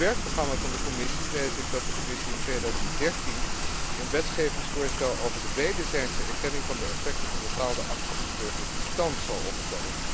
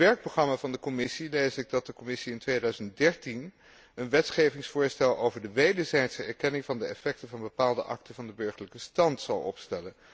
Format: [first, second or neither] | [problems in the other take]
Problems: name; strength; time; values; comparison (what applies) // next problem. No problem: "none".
second | background sound (Rain); 4 dB above the speech